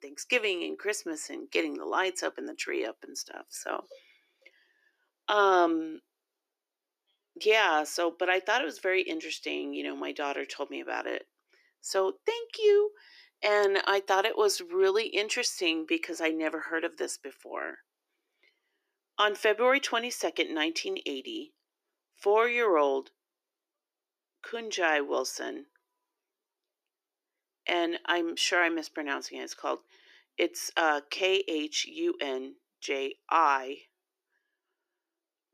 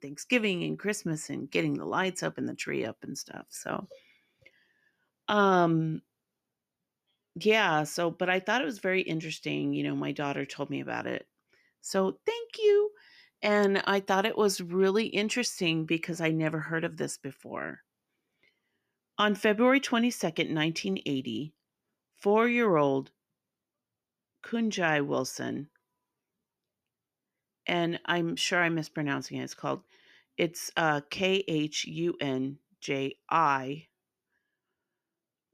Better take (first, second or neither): second